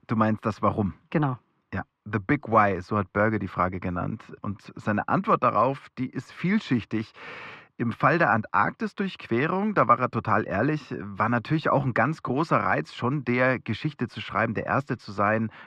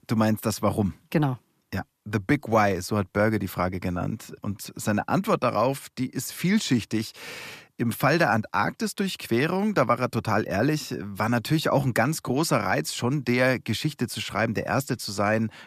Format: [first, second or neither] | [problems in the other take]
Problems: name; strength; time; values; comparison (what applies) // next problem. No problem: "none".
second | muffled; very; fading above 2 kHz